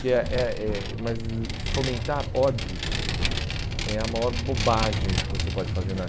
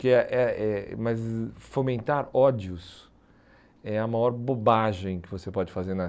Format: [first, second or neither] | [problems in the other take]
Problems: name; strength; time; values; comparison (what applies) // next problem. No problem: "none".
second | background sound (Vehicle); as loud as the speech